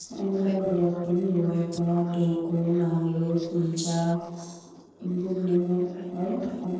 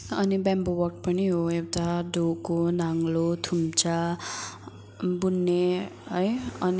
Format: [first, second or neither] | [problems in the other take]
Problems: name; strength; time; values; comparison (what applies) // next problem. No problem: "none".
second | noise reduction (neural separator model SepFormer DNS4)